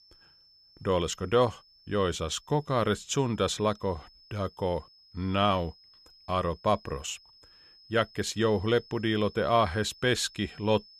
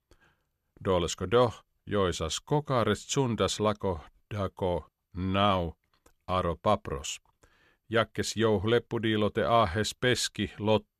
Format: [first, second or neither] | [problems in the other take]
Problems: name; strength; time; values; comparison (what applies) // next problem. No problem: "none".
second | high-pitched whine; faint; throughout; 5 kHz, 25 dB below the speech